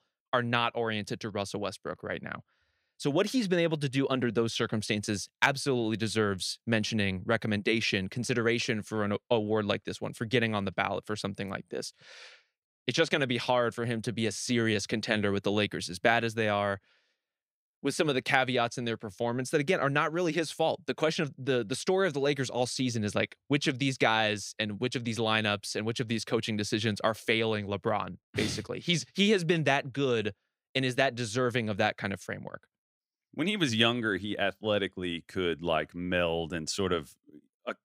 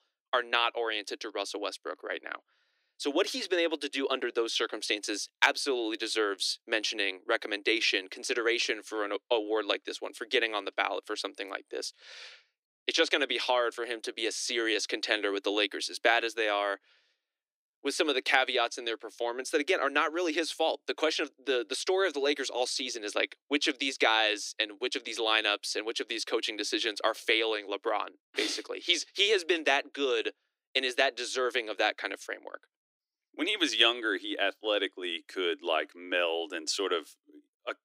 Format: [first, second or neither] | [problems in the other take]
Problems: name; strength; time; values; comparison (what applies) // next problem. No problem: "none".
first | thin; somewhat; fading below 300 Hz